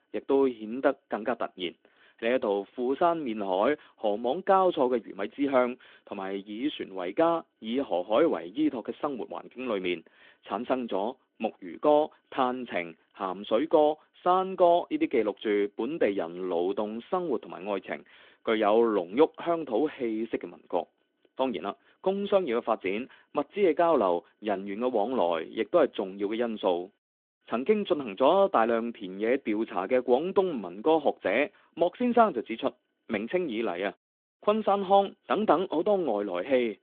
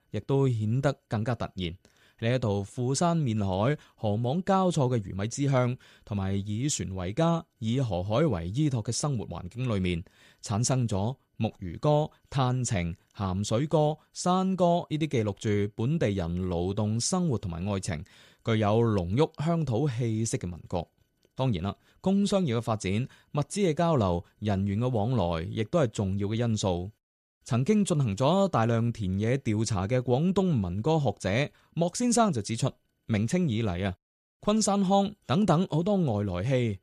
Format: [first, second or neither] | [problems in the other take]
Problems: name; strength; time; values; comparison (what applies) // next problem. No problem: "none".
second | phone-call audio; nothing above 3.5 kHz